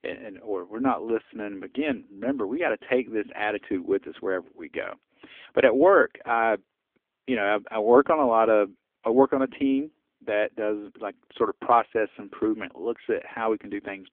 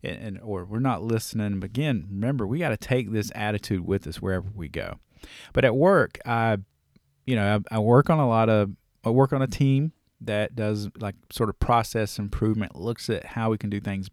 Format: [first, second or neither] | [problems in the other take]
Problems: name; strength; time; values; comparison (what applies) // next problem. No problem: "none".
second | phone-call audio; poor line; nothing above 3.5 kHz